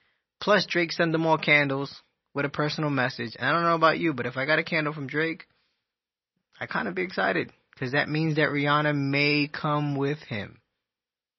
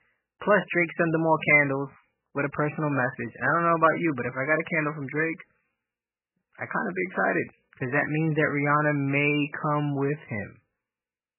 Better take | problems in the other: first | garbled, watery; badly; nothing above 2.5 kHz; slightly in the first

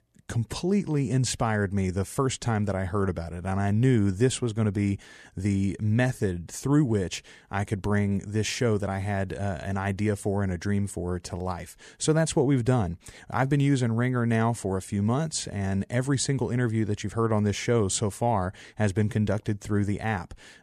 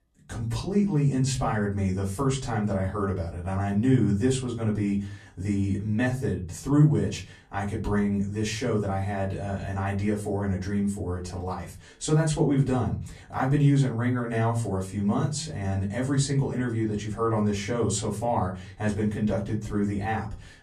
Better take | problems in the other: first | room echo; very slight; dies away in 0.3 s // off-mic speech; far

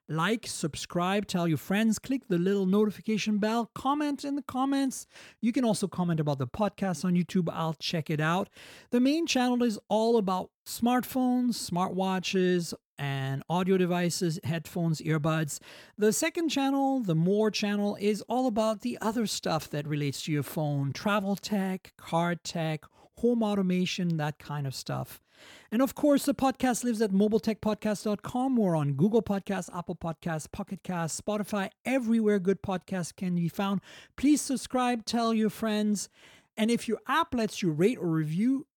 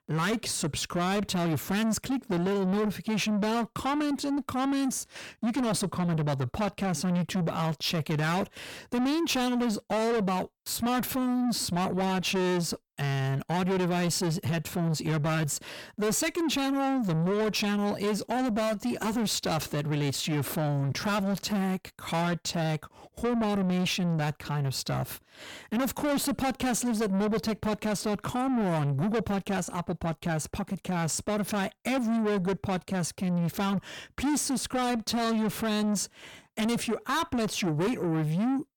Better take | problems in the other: first | distortion; heavy; 7 dB below the speech

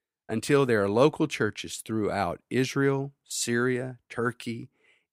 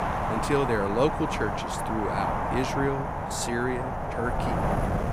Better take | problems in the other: first | wind noise on the microphone; heavy; 2 dB above the speech

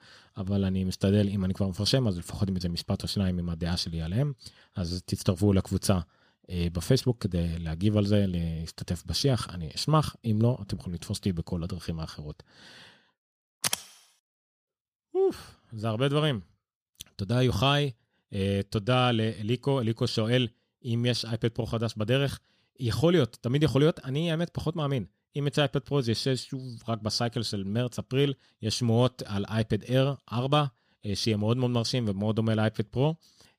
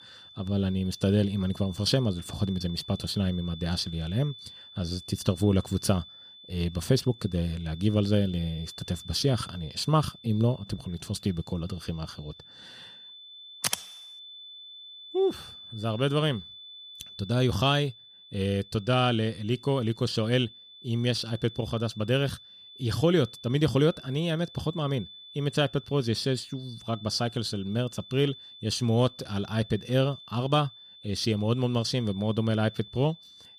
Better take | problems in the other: first | high-pitched whine; noticeable; throughout; 3.5 kHz, 15 dB below the speech

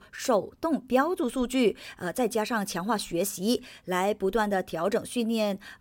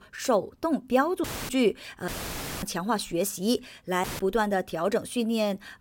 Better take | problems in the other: first | audio cutting out; filled with static; at 1 s, at 2 s for 0.5 s and at 4 s

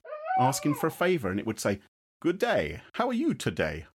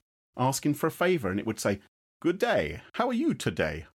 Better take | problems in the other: second | dog barking; loud; at the start; peak level with the speech

